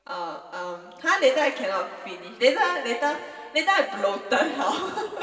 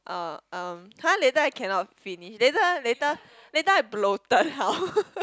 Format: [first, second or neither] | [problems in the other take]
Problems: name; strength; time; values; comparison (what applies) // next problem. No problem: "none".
second | room echo; dies away in 2.2 s